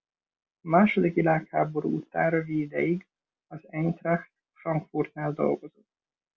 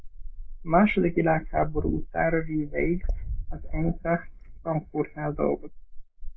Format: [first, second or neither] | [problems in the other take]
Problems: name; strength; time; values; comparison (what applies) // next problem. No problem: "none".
first | noise reduction (neural mask model Resemble Enhance denoiser)